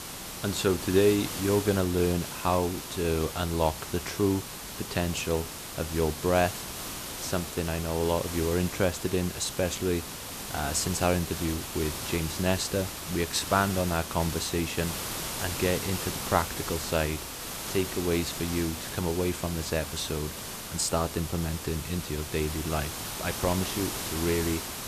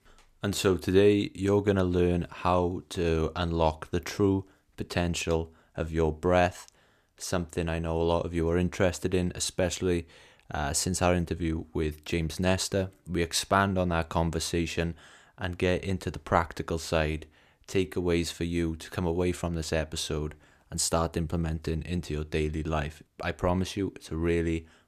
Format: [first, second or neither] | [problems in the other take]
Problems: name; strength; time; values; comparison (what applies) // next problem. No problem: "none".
second | hiss; loud; throughout; 6 dB below the speech